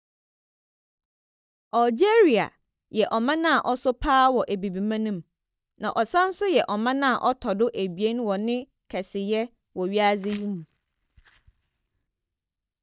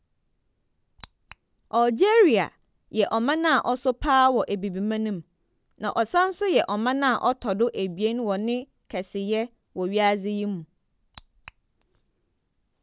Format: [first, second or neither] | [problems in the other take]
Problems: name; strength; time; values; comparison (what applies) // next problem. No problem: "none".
second | noise reduction (neural mask model DeepFilterNet 3)